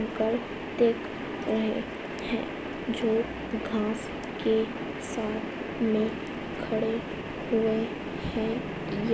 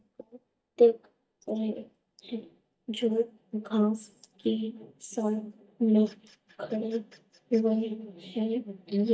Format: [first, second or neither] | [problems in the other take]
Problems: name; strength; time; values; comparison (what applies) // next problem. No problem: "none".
first | noise reduction (neural mask model DeepFilterNet 3)